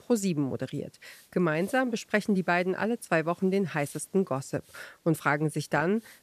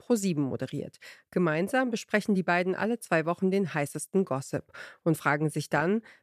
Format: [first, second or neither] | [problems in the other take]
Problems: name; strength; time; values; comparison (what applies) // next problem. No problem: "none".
second | hiss; faint; throughout; 30 dB below the speech